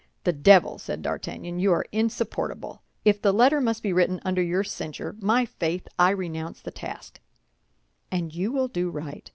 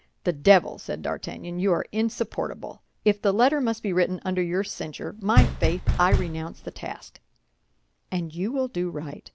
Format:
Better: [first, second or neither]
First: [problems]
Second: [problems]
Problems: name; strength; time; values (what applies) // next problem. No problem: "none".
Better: first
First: none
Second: background sound (Knock); 3 dB above the speech